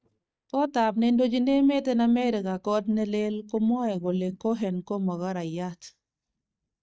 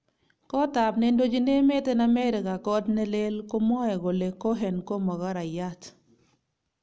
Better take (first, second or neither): second